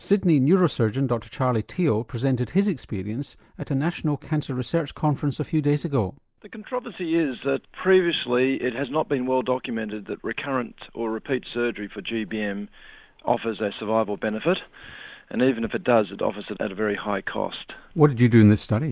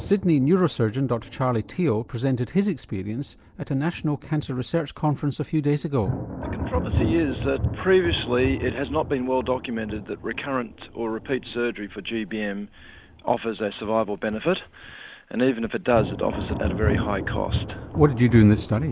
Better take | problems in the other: first | background sound (Thunder); 8 dB below the speech

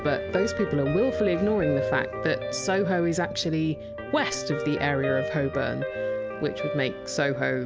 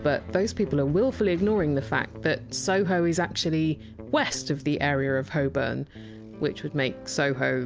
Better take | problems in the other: second | background sound (Guitar); 5 dB below the speech

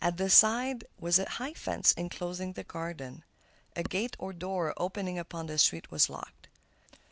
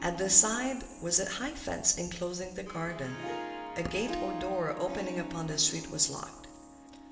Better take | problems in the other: first | background sound (Harp); 10 dB below the speech // room echo; dies away in 1.5 s

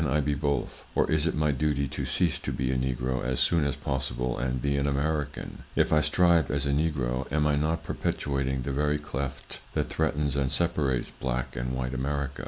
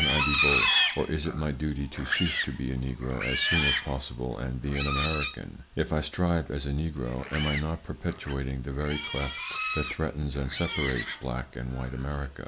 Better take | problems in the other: first | background sound (Livestock, farm animals, working animals); 2 dB below the speech

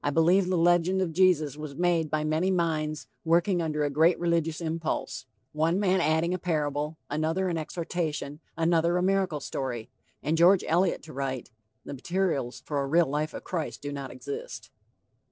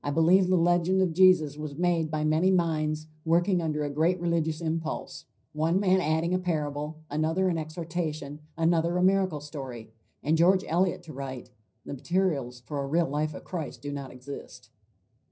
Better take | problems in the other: first | room echo; dies away in 0.4 s

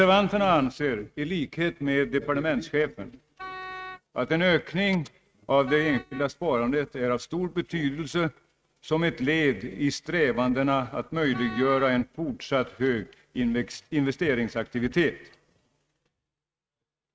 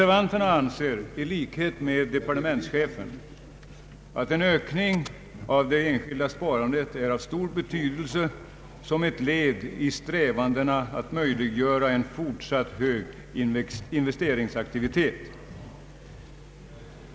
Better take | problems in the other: second | noise reduction (neural mask model RNNoise)

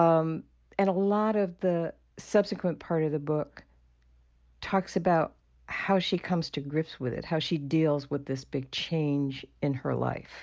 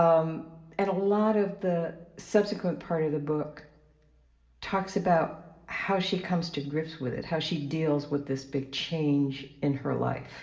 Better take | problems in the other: first | room echo; dies away in 0.6 s

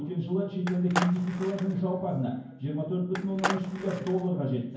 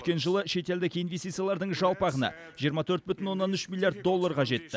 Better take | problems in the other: second | background sound (Skateboard); 6 dB below the speech // room echo; dies away in 0.9 s

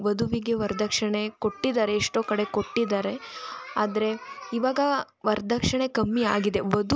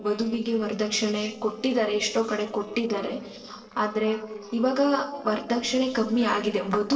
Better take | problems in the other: first | noise reduction (neural separator model SepFormer DNS4)

